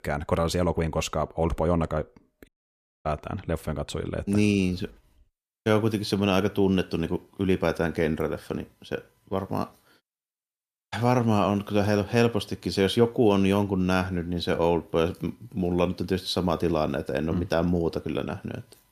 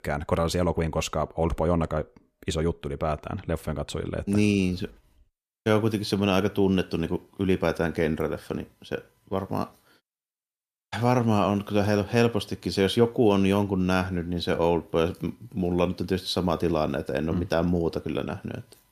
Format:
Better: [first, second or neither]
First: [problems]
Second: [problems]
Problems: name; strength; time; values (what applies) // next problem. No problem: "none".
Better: second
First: audio cutting out; at 2.5 s for 0.5 s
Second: none